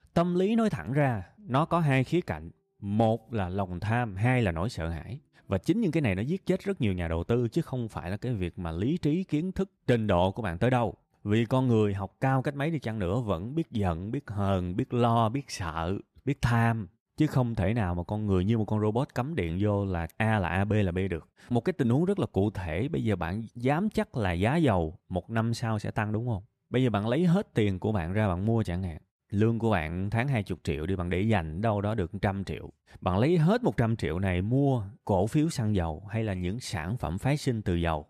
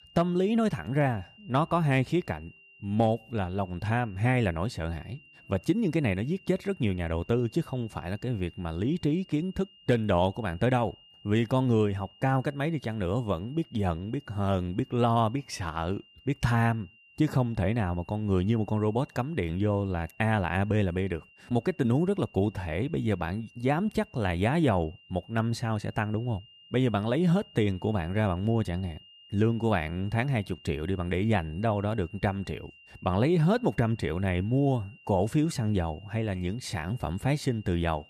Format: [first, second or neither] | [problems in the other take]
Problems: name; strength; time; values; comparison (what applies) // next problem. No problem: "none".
first | high-pitched whine; faint; throughout; 3 kHz, 25 dB below the speech